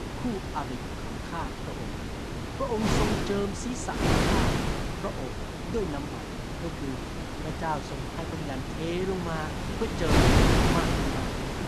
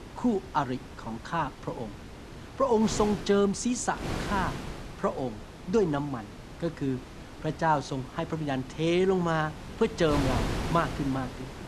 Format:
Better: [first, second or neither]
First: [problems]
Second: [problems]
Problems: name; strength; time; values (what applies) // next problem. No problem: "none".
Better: second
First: wind noise on the microphone; heavy; 4 dB above the speech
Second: wind noise on the microphone; occasional gusts; 10 dB below the speech